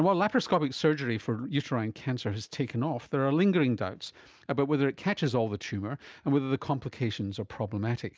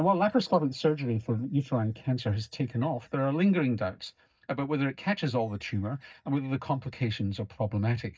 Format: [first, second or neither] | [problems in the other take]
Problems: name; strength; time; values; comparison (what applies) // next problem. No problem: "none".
first | noise reduction (neural mask model DeepFilterNet 3)